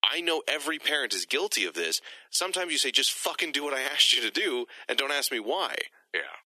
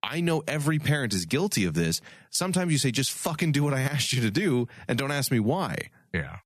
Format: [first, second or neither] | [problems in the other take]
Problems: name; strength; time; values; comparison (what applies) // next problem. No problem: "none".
second | thin; very; fading below 350 Hz